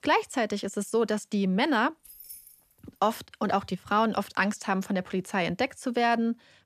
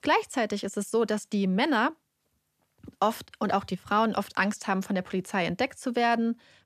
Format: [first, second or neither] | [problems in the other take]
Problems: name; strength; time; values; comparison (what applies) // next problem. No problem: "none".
second | jangling keys; faint; at 2 s; peak 15 dB below the speech